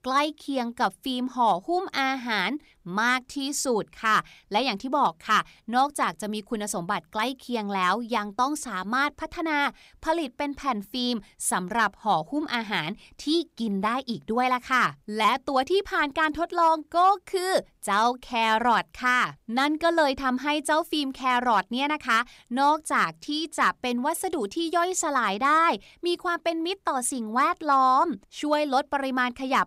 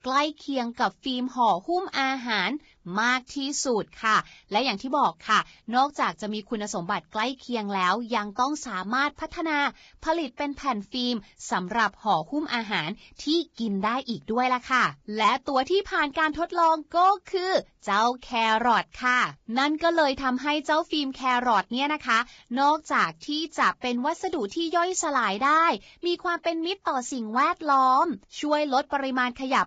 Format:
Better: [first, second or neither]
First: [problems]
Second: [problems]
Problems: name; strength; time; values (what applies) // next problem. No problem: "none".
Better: first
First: none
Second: garbled, watery; badly; nothing above 7.5 kHz